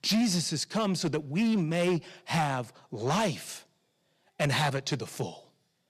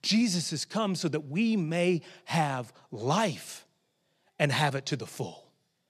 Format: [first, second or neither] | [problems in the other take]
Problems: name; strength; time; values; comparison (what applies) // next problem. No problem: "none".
second | distortion; slight; 7% of the sound clipped